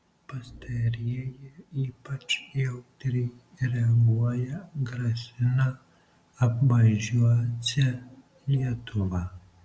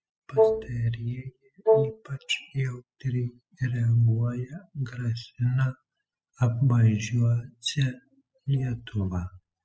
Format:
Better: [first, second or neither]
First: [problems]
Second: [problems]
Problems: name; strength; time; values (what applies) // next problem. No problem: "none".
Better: first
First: none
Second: noise reduction (classical method spectral subtraction)